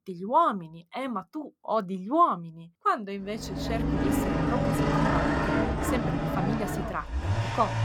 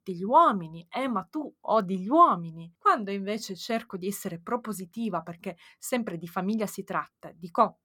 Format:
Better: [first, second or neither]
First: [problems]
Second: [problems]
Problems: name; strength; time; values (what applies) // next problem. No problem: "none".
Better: second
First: traffic noise; very loud; from 3.5 s on; 2 dB above the speech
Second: none